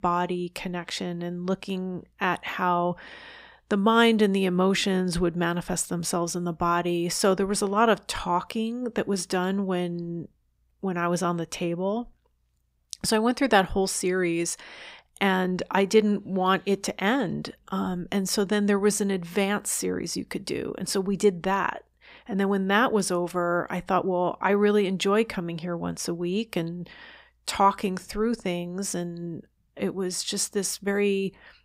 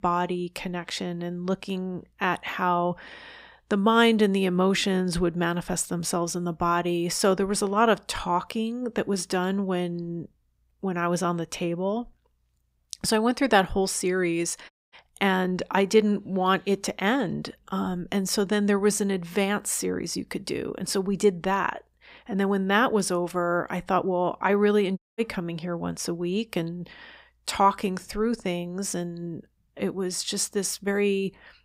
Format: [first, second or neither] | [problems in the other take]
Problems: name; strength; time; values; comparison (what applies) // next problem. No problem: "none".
first | audio cutting out; at 15 s and at 25 s